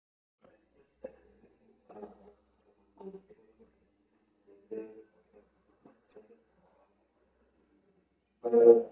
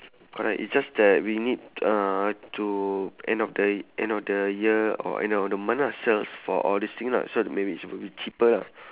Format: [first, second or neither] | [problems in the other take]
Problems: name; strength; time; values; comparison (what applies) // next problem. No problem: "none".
second | noise reduction (neural mask model DeepFilterNet 3)